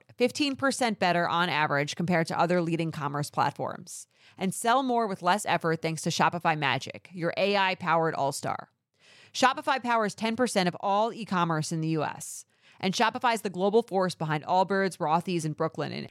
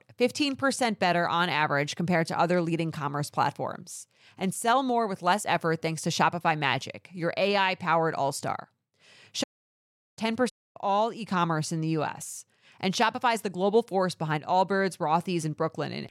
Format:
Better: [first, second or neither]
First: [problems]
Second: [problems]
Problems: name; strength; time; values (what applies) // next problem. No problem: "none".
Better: first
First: none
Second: audio cutting out; at 9.5 s for 0.5 s and at 11 s